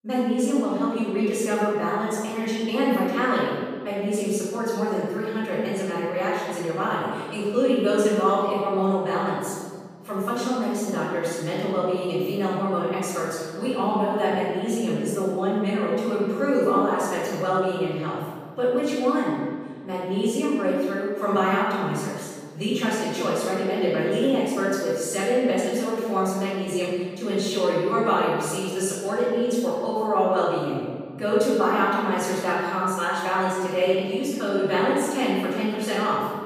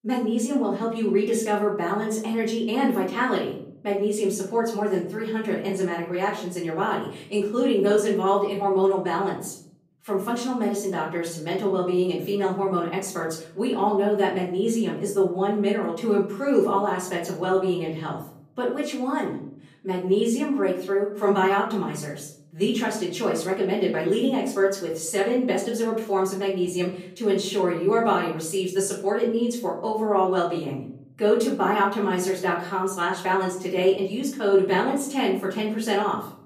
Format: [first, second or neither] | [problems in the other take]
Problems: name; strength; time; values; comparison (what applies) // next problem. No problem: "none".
second | room echo; strong; dies away in 1.5 s; slight in the second // off-mic speech; far; far in the second